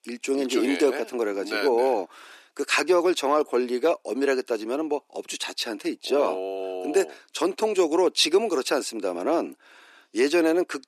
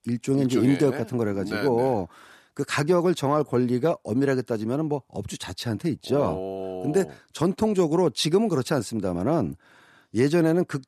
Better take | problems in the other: second | thin; somewhat; fading below 300 Hz

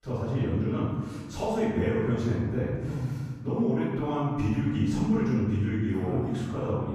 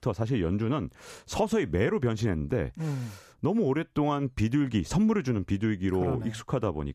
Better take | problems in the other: second | off-mic speech; far // room echo; strong; dies away in 1.4 s

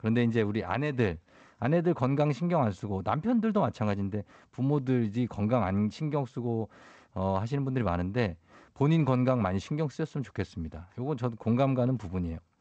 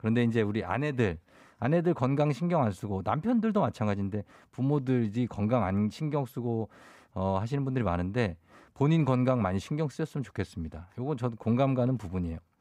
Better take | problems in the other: second | garbled, watery; slightly; nothing above 7.5 kHz

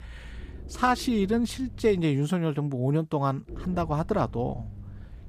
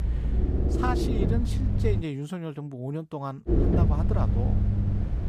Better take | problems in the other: first | low rumble; loud; until 2 s and from 3.5 s on; as loud as the speech; faint in the first

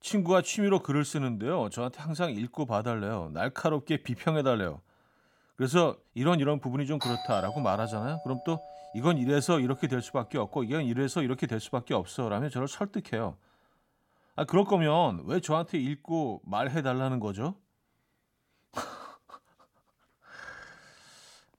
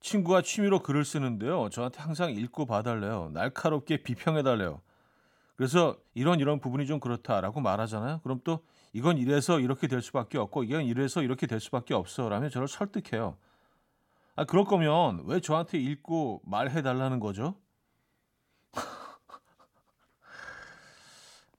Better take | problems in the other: second | doorbell; noticeable; from 7 to 9 s; peak 5 dB below the speech

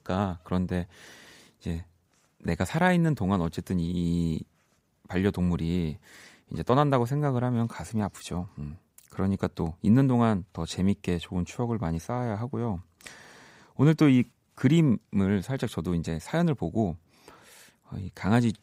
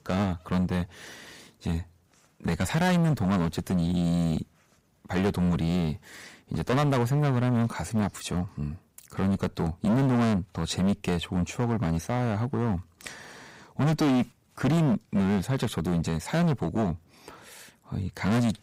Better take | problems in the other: first | distortion; heavy; 13% of the sound clipped

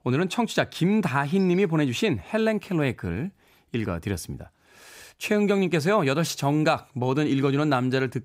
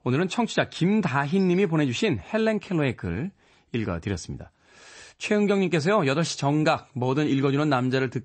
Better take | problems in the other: first | garbled, watery; slightly; nothing above 8 kHz

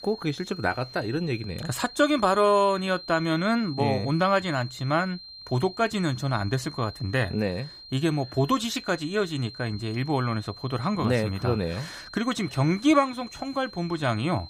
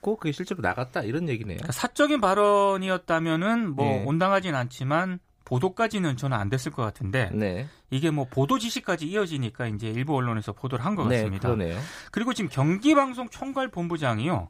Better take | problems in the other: second | high-pitched whine; noticeable; throughout; 4 kHz, 15 dB below the speech

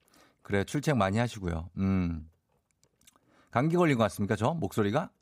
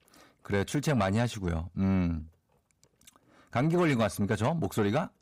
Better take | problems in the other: first | distortion; slight; 10 dB below the speech

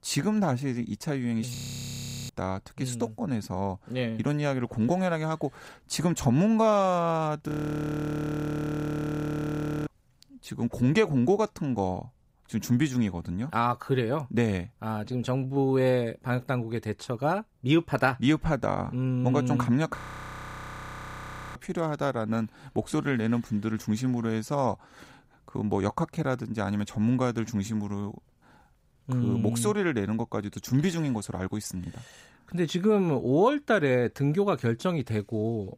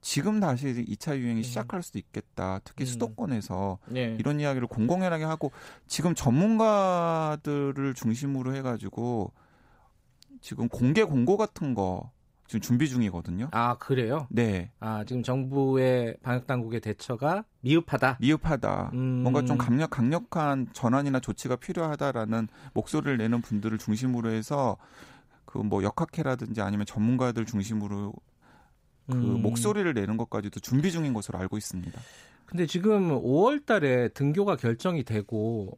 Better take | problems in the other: second | audio freezing; at 1.5 s for 0.5 s, at 7.5 s for 2.5 s and at 20 s for 1.5 s

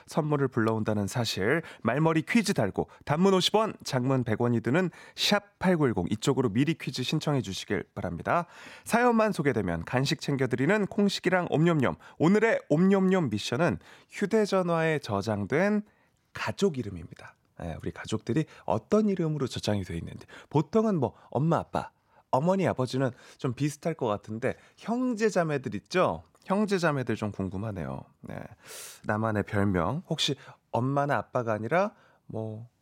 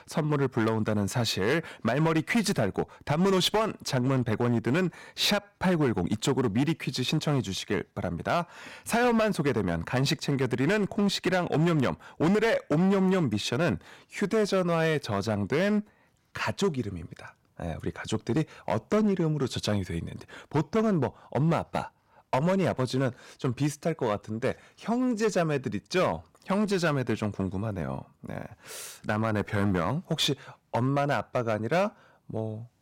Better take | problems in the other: first | distortion; slight; 8% of the sound clipped

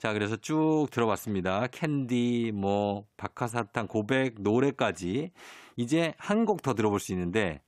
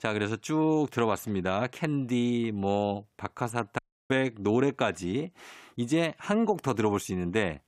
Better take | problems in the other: first | audio cutting out; at 4 s

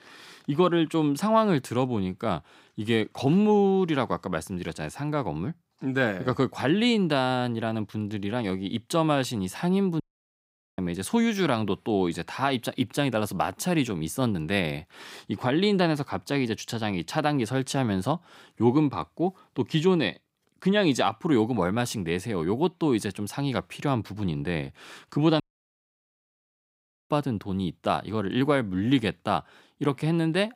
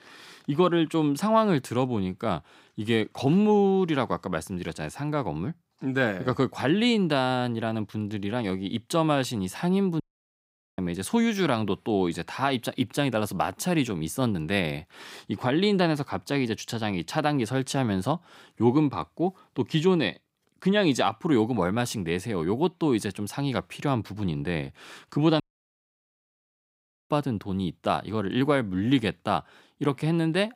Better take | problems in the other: neither | audio cutting out; at 10 s for 1 s and at 25 s for 1.5 s; the same in both

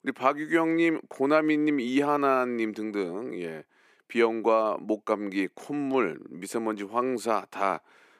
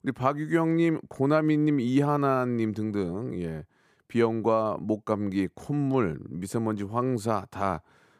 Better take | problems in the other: second | thin; very slightly; fading below 300 Hz

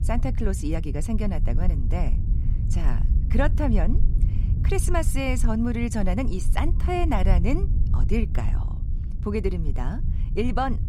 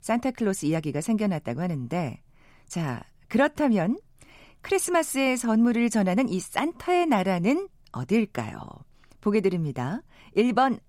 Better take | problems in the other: second | low rumble; noticeable; throughout; 10 dB below the speech

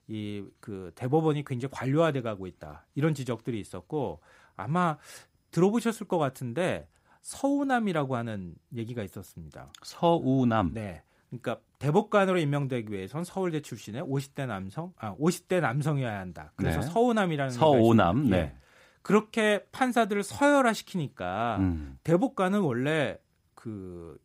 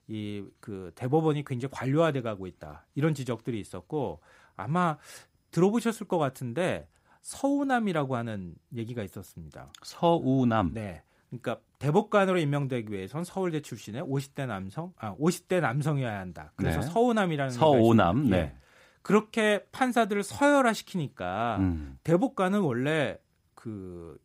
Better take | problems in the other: neither | none

